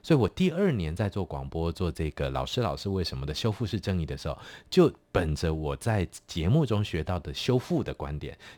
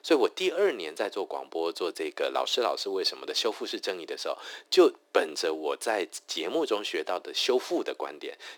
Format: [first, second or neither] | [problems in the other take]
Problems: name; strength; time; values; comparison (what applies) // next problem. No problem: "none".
first | thin; very; fading below 350 Hz